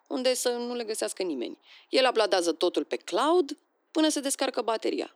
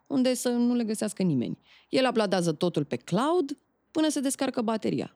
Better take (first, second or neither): second